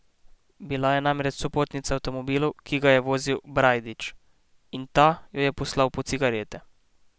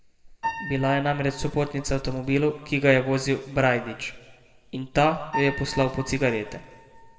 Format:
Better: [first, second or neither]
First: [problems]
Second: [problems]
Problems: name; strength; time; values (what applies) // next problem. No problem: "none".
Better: first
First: none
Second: background sound (Piano); 14 dB below the speech // room echo; dies away in 1 s